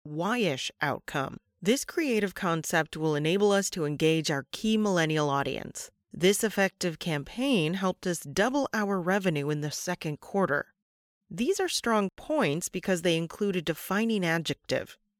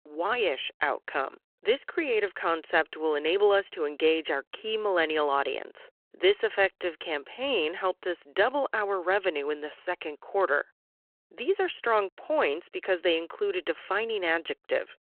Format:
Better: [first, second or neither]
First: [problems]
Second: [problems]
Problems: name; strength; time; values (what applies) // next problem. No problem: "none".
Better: first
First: none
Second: phone-call audio